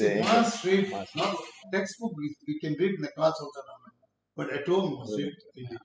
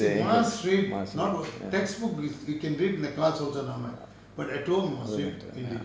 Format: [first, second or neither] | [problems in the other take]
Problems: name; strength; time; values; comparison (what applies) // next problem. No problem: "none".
second | noise reduction (classical method spectral subtraction)